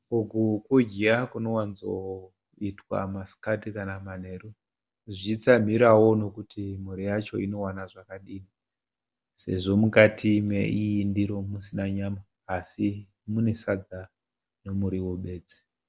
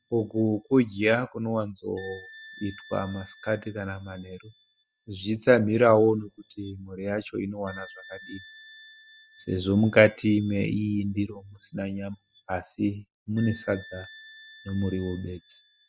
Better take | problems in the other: first | noise reduction (classical method spectral subtraction)

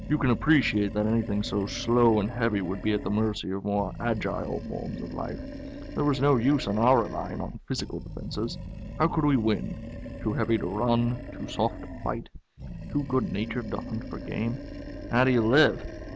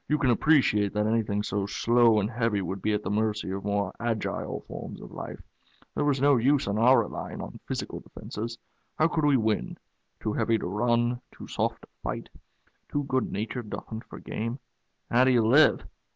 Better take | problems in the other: second | background sound (Animal); 10 dB below the speech

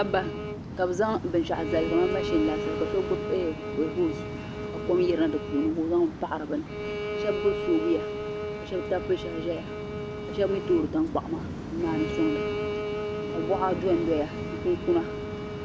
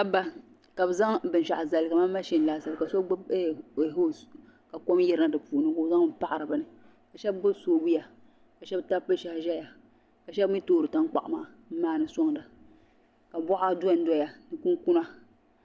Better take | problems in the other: second | background sound (Waves, surf + Bowed string instrument); 4 dB below the speech

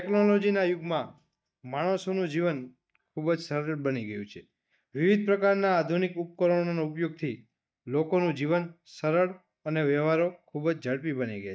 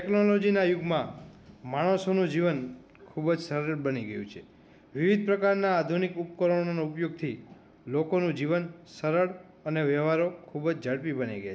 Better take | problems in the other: second | noise reduction (neural mask model DeepFilterNet 3)

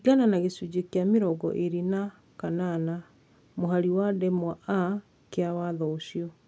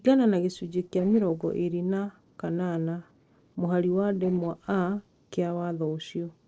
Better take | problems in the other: first | noise reduction (neural separator model SepFormer DNS4)

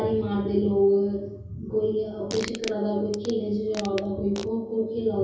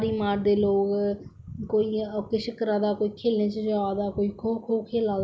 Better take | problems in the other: second | background sound (Fart); 15 dB below the speech // room echo; dies away in 0.6 s

